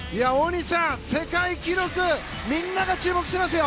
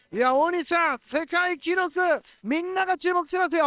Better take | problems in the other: first | noise reduction (neural separator model SepFormer WHAM!)

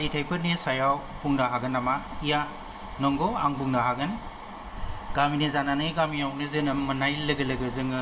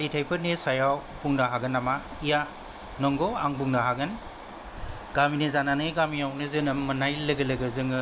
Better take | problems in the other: second | background sound (Drawer open or close); 19 dB below the speech // room echo; dies away in 1.3 s

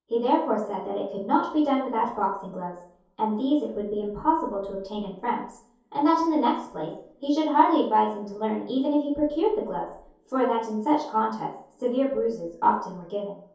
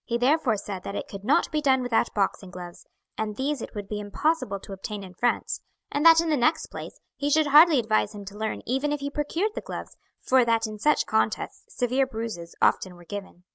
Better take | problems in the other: second | room echo; dies away in 0.6 s

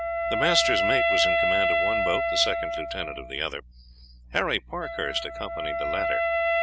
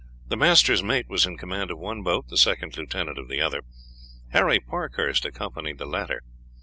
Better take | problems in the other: second | background sound (Wind instrument, woodwind instrument); 4 dB above the speech

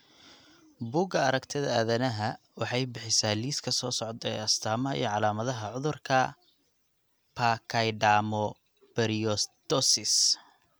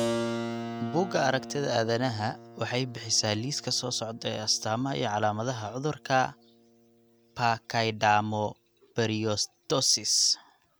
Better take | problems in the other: first | background sound (Keyboard (musical)); 11 dB below the speech

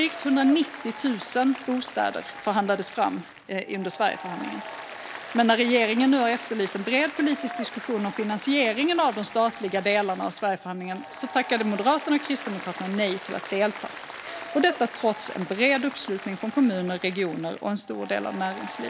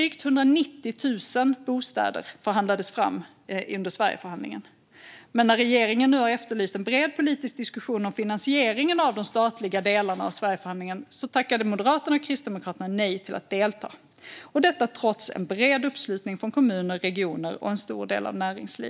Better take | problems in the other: second | background sound (Applause); 13 dB below the speech

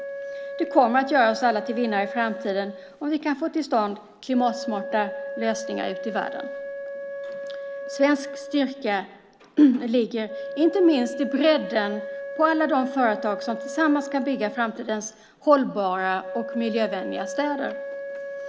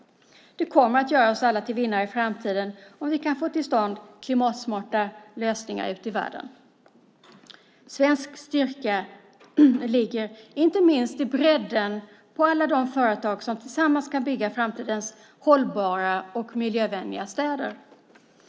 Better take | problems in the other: second | background sound (Wind instrument, woodwind instrument); 10 dB below the speech

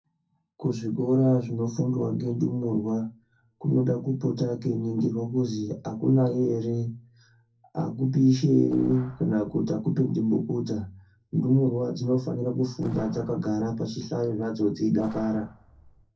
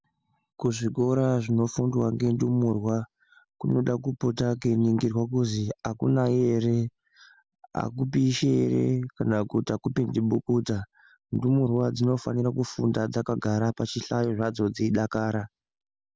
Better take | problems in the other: second | noise reduction (neural separator model SepFormer DNS4)

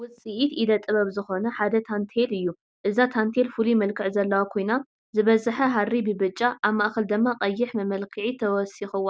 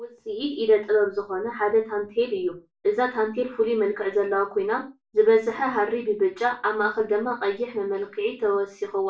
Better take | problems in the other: first | room echo; dies away in 0.3 s

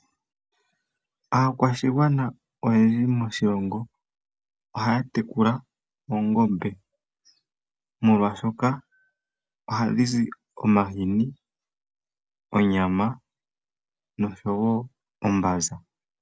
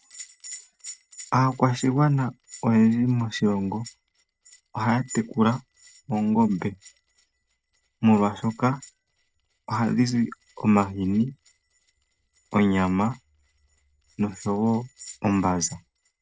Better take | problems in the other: first | noise reduction (neural mask model RNNoise)

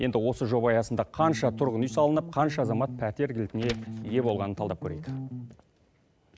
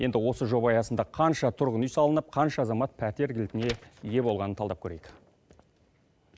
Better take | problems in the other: second | background sound (Bass guitar); 9 dB below the speech

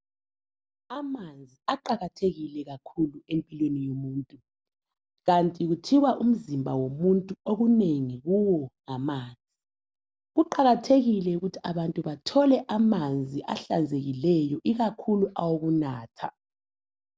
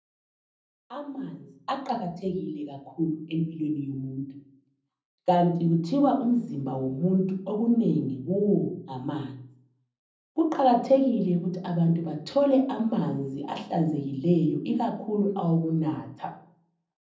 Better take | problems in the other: first | room echo; dies away in 0.6 s

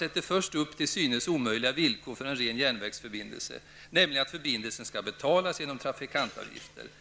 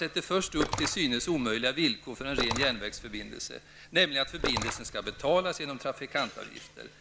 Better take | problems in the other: first | background sound (Splash, splatter); 7 dB below the speech

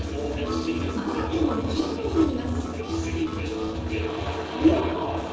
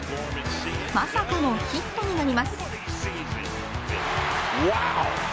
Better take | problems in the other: second | noise reduction (neural separator model SepFormer DNS4)

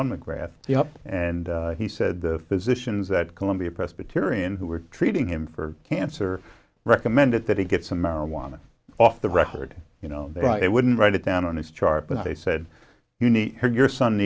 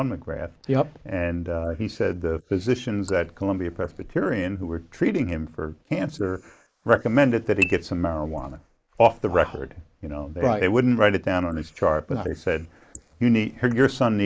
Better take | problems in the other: first | noise reduction (neural mask model Resemble Enhance denoiser)

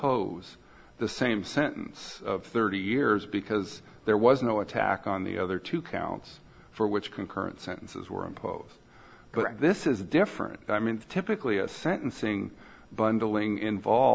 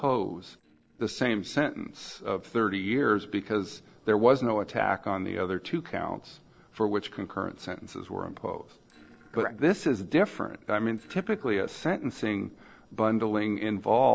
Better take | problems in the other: first | noise reduction (neural separator model SepFormer DNS4)

